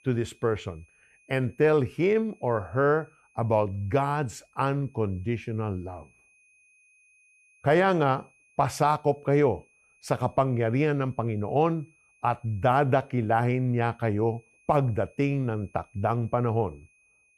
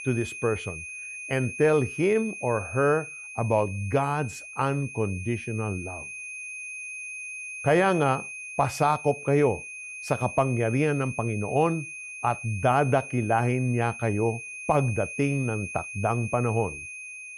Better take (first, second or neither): first